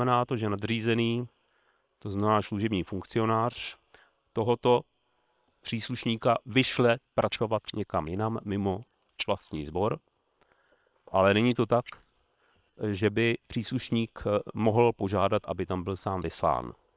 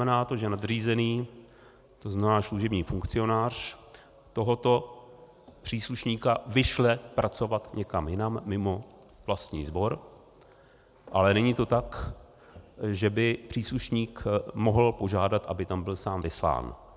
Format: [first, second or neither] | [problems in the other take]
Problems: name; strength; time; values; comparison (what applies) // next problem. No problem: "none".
second | noise reduction (neural separator model SepFormer WHAM!)